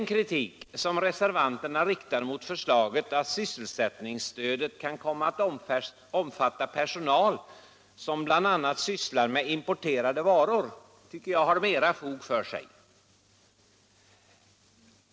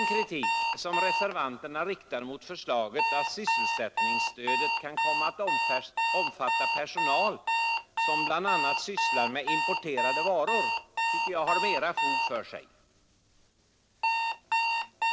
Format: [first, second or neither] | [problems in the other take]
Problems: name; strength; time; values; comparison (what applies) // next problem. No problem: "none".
first | background sound (Alarm); 4 dB above the speech